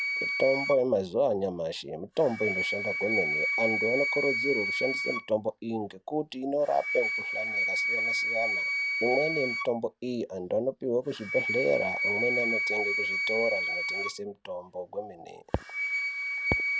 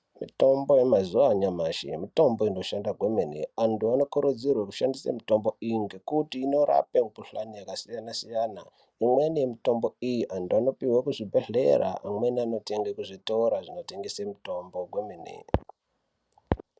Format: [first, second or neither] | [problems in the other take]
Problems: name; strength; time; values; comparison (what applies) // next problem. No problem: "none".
second | background sound (Wind instrument, woodwind instrument); 1 dB below the speech